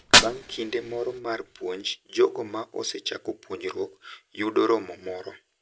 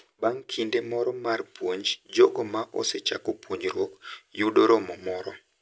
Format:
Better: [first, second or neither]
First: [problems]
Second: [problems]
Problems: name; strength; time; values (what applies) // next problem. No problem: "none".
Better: second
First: background sound (Fire); as loud as the speech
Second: none